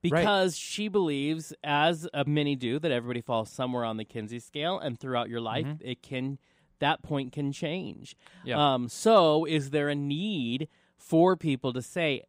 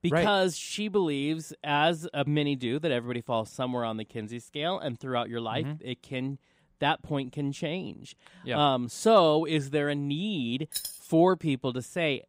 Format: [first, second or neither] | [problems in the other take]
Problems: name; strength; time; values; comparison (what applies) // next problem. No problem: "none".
first | jangling keys; noticeable; at 11 s; peak 6 dB below the speech